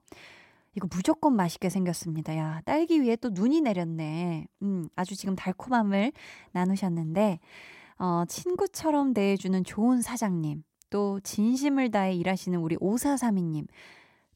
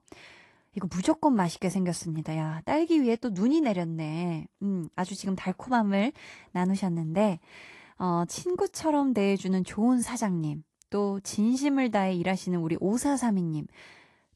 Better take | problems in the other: first | garbled, watery; slightly; nothing above 11 kHz

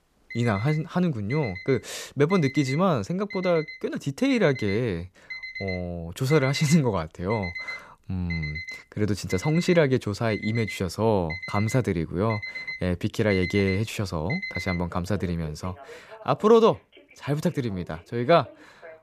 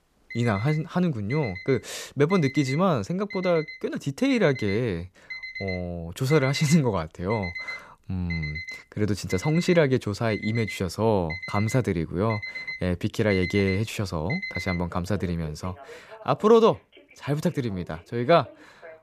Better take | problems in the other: neither | alarms or sirens; noticeable; throughout; 10 dB below the speech; the same in both

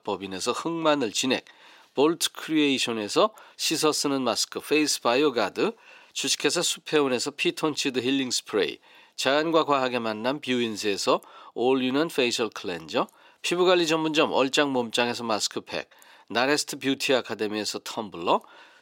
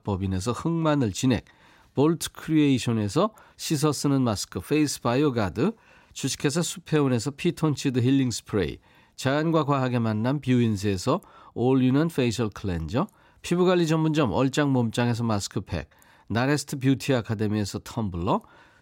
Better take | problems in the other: second | thin; somewhat; fading below 450 Hz

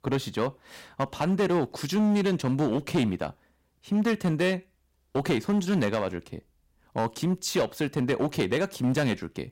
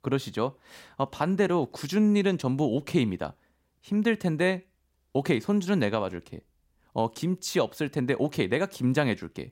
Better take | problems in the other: second | distortion; slight; 9% of the sound clipped

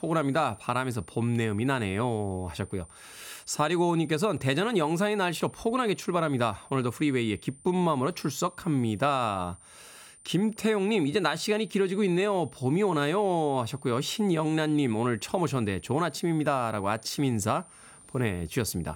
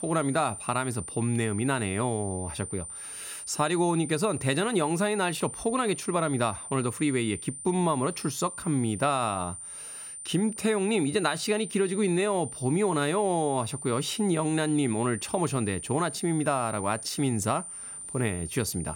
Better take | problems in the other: first | high-pitched whine; loud; throughout; 9 kHz, 9 dB below the speech; faint in the first

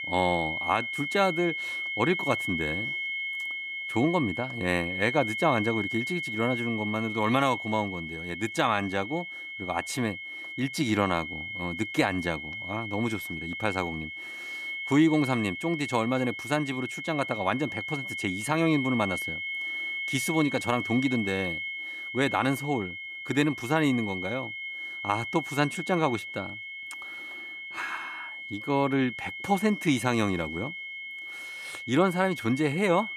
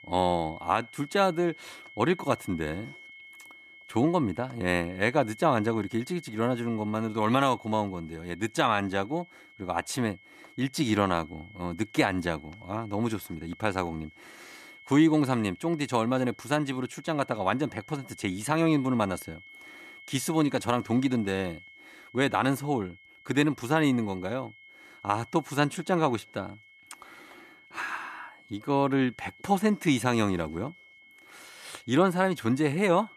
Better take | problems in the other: second | high-pitched whine; loud; throughout; 2 kHz, 5 dB below the speech; faint in the second

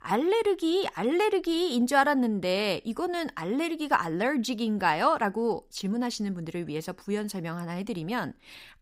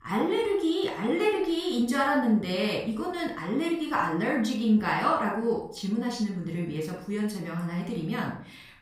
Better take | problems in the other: first | off-mic speech; somewhat distant // room echo; noticeable; dies away in 0.4 s

